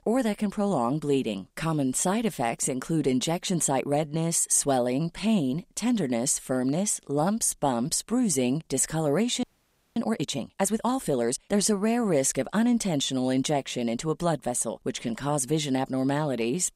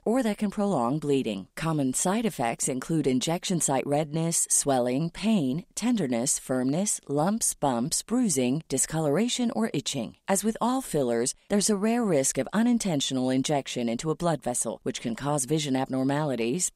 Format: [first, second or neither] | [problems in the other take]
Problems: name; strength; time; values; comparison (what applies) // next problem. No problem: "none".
second | audio freezing; at 9.5 s for 0.5 s